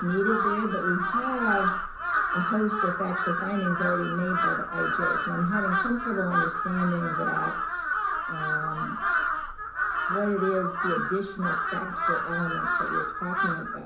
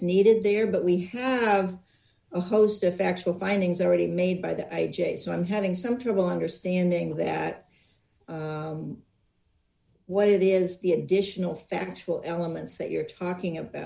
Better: second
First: background sound (Crow); 2 dB above the speech // room echo; dies away in 0.5 s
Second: none

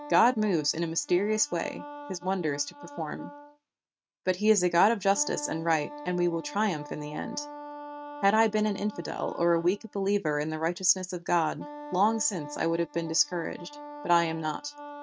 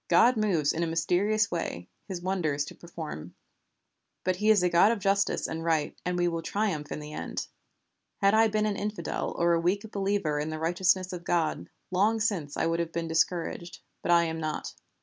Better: second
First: noise reduction (neural mask model RNNoise)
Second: none

